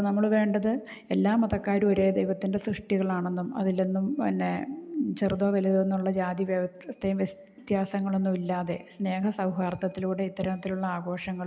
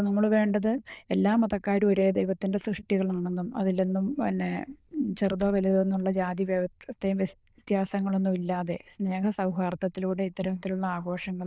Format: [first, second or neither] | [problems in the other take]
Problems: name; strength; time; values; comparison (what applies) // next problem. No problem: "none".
first | noise reduction (neural diffusion model UNIVERSE++)